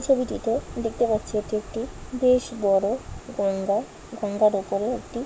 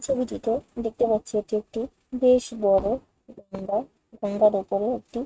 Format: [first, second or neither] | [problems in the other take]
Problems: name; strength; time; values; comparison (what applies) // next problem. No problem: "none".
first | noise reduction (neural mask model RNNoise)